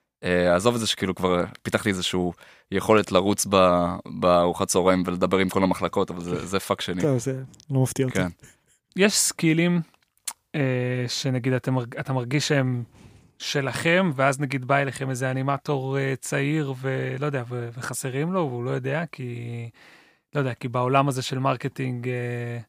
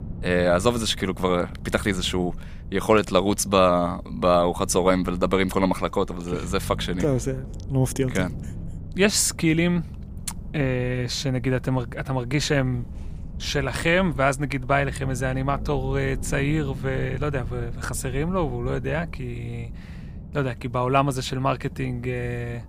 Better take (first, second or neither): first